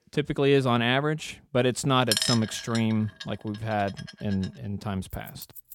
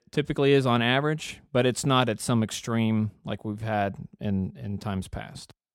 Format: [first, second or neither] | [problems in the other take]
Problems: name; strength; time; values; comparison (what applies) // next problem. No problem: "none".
second | household noises; loud; throughout; 4 dB below the speech